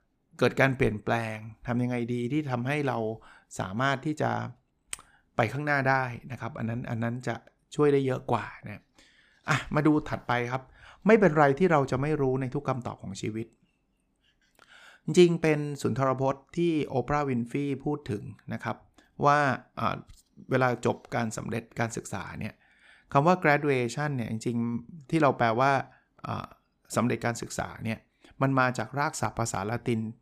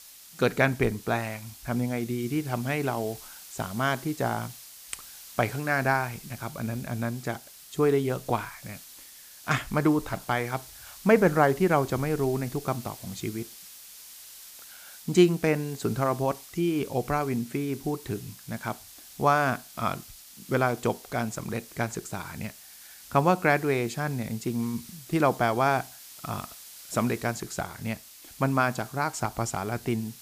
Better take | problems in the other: first | hiss; noticeable; throughout; 15 dB below the speech

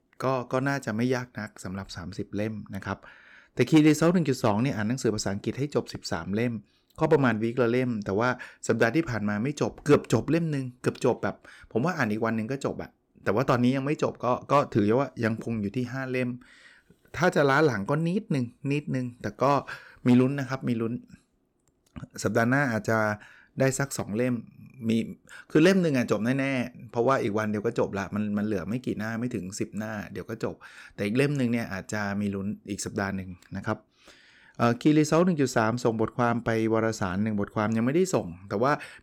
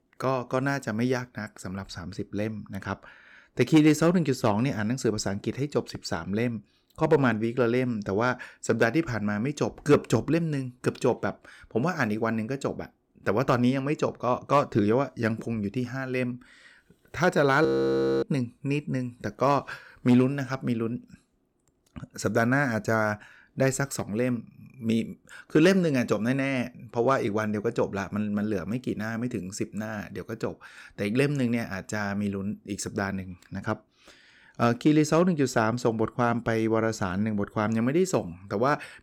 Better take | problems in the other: first | audio freezing; at 18 s for 0.5 s

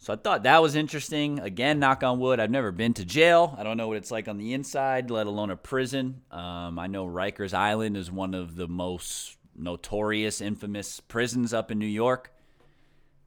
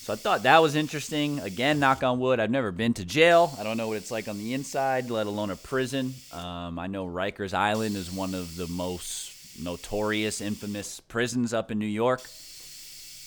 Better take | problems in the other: first | hiss; noticeable; throughout; 15 dB below the speech

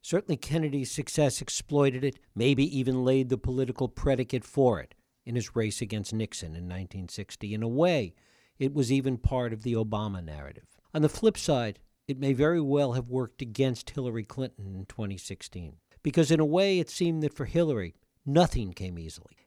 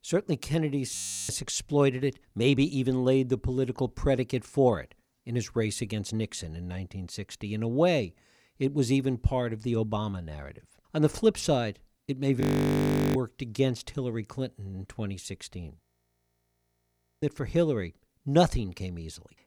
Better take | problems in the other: first | audio freezing; at 1 s, at 12 s for 0.5 s and at 16 s for 1.5 s

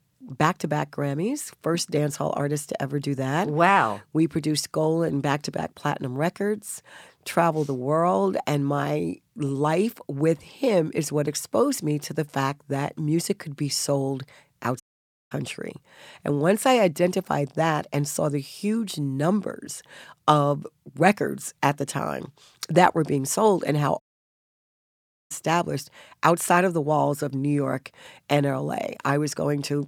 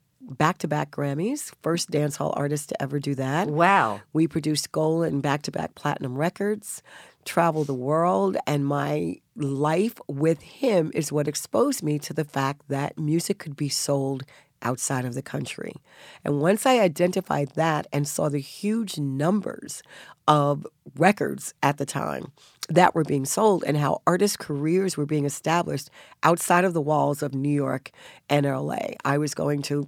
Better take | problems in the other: second | audio cutting out; at 15 s for 0.5 s and at 24 s for 1.5 s

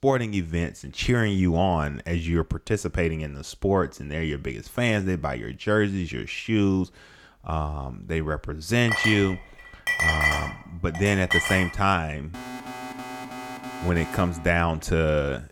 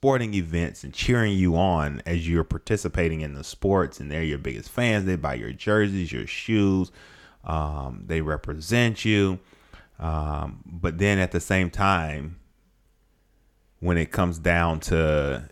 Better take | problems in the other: second | clattering dishes; loud; from 9 to 12 s; peak 5 dB above the speech // alarm; noticeable; from 12 s on; peak 10 dB below the speech

